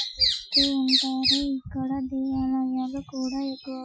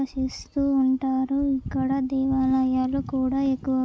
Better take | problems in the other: second | noise reduction (classical method Wiener filter)

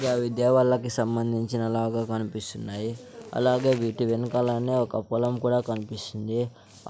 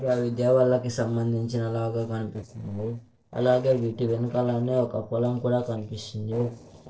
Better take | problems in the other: first | noise reduction (neural separator model SepFormer DNS4)

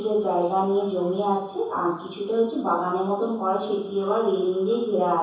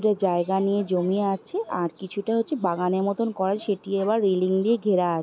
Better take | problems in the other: second | room echo; dies away in 0.7 s

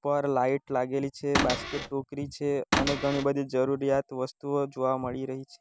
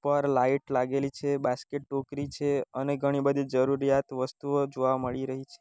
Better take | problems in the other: second | background sound (Cupboard open or close / Door); 1 dB below the speech

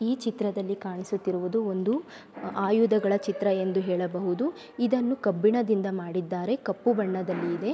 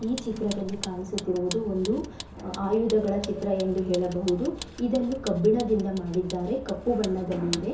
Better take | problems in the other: first | background sound (Vehicle); 13 dB below the speech // room echo; dies away in 0.7 s

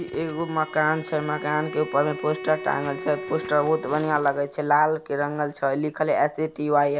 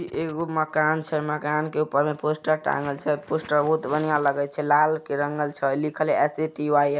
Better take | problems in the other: second | background sound (Bowed string instrument); 14 dB below the speech

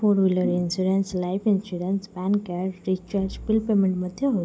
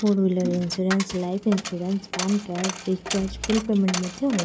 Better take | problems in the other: first | background sound (Coin (dropping)); 10 dB below the speech

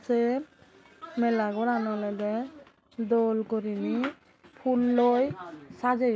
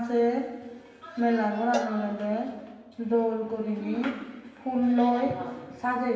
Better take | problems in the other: first | background sound (Cowbell); 13 dB below the speech // room echo; dies away in 1.4 s

